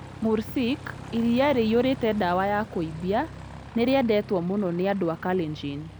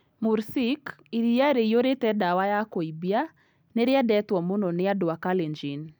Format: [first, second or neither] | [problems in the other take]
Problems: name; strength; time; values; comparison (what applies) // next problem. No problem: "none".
second | background sound (Aircraft); 15 dB below the speech